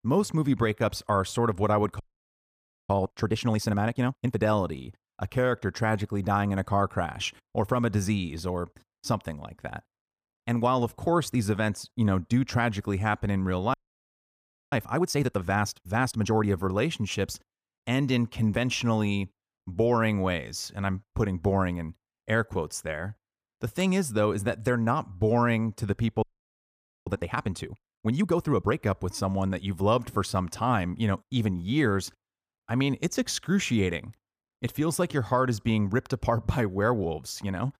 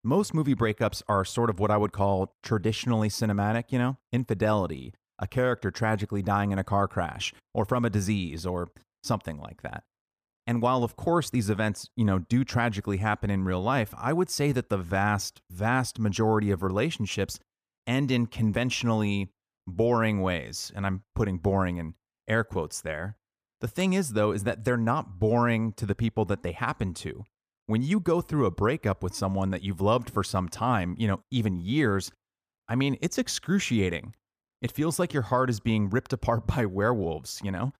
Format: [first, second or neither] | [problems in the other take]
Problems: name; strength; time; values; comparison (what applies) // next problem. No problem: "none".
second | audio freezing; at 2 s for 1 s, at 14 s for 1 s and at 26 s for 1 s